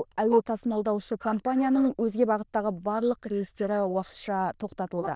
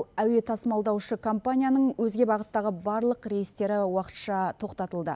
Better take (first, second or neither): second